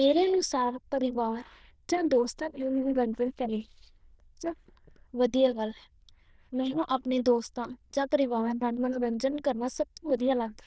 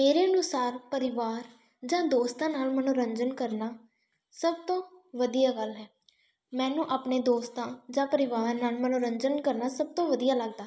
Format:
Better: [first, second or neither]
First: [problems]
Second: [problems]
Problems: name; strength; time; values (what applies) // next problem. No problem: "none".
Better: second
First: noise reduction (neural diffusion model UNIVERSE++)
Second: none